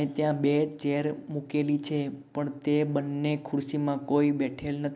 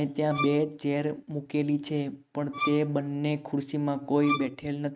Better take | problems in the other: first | noise reduction (neural mask model RNNoise)

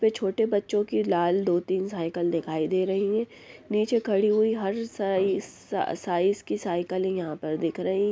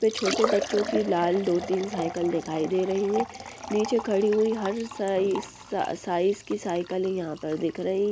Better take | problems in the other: first | background sound (Liquid); 9 dB below the speech

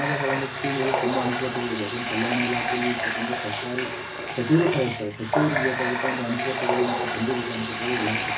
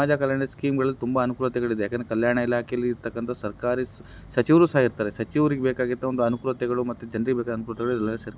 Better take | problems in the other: second | background sound (Water tap, faucet); as loud as the speech // room echo; dies away in 0.4 s

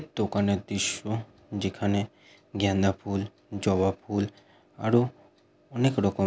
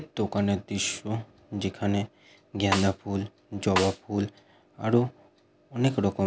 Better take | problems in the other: first | background sound (Snare drum); 4 dB below the speech

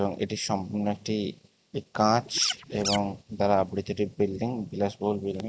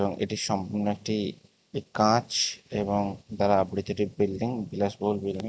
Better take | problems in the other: second | background sound (Scratching (performance technique)); 5 dB below the speech

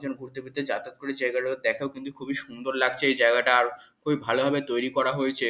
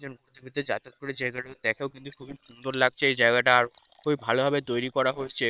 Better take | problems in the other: first | noise reduction (neural separator model SepFormer WHAM!)

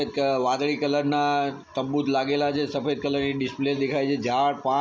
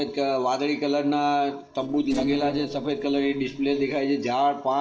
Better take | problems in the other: first | noise reduction (neural separator model SepFormer DNS4)

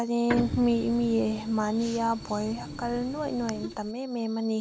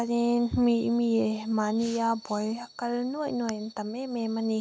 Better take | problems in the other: second | background sound (Printer); 11 dB below the speech

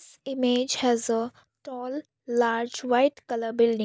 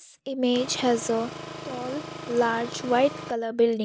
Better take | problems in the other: first | background sound (Engine); 11 dB below the speech

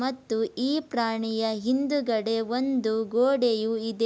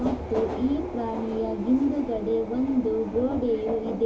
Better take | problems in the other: first | background sound (Subway, metro, underground); 7 dB below the speech // room echo; dies away in 0.3 s

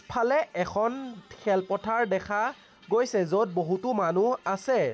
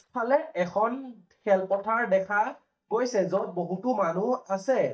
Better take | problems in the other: first | noise reduction (neural mask model DeepFilterNet 3)

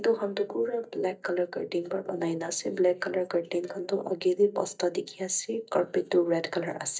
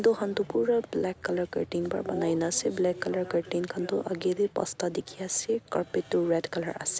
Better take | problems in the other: second | noise reduction (neural mask model DeepFilterNet 3)

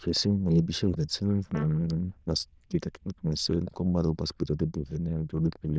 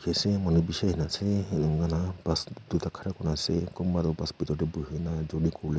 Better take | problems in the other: second | noise reduction (neural diffusion model UNIVERSE++)

